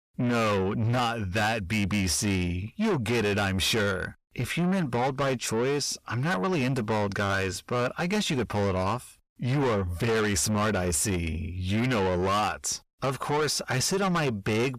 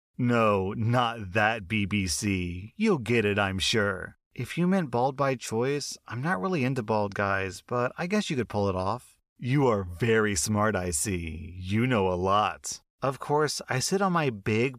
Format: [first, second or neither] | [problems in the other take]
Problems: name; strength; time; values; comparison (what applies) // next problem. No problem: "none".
second | distortion; heavy; 7 dB below the speech